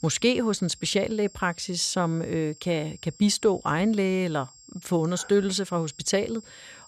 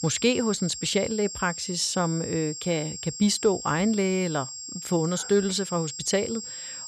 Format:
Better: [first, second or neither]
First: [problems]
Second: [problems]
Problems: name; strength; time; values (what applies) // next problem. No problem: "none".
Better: first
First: high-pitched whine; faint; throughout; 7.5 kHz, 25 dB below the speech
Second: high-pitched whine; loud; throughout; 7.5 kHz, 8 dB below the speech